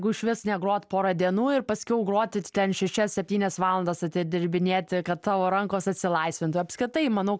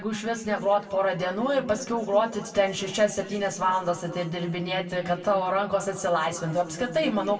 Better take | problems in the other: first | room echo; dies away in 1.9 s

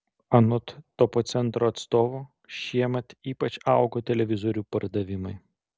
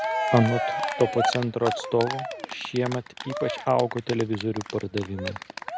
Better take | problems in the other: first | background sound (Cheering); 4 dB below the speech

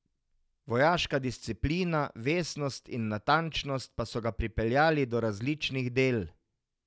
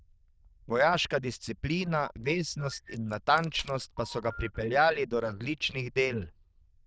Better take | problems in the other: first | noise reduction (neural diffusion model UNIVERSE++)

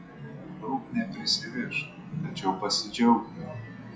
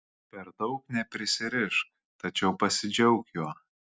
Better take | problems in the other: second | noise reduction (classical method WPE with log-MMSE)

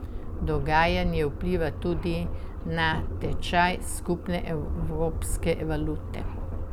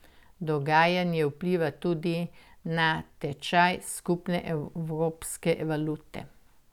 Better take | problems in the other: second | background sound (Subway, metro, underground); 2 dB below the speech

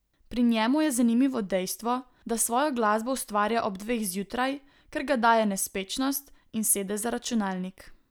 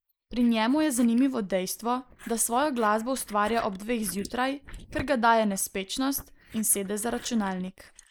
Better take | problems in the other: first | noise reduction (neural mask model Resemble Enhance denoiser)

